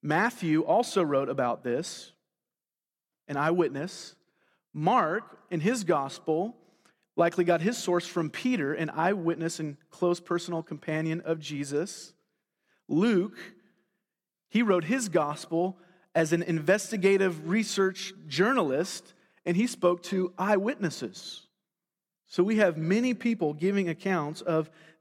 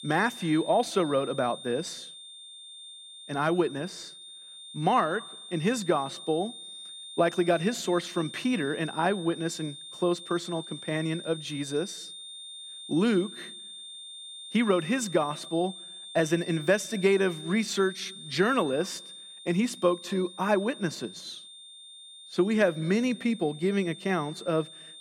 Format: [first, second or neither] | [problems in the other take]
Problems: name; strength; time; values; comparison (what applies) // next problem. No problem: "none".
first | high-pitched whine; noticeable; throughout; 3.5 kHz, 15 dB below the speech